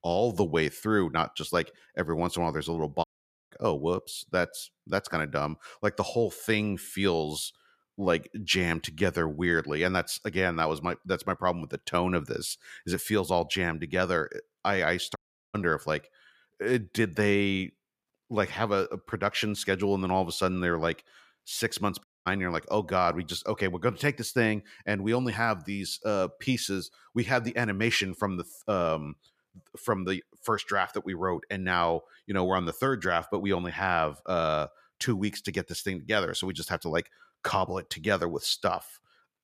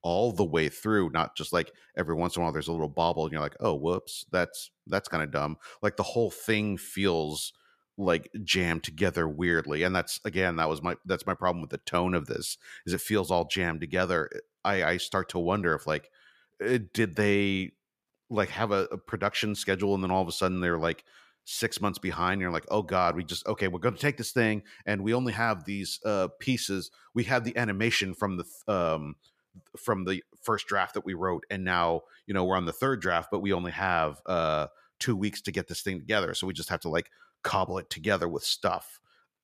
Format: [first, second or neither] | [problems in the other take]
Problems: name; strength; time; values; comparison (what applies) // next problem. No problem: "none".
second | audio cutting out; at 3 s, at 15 s and at 22 s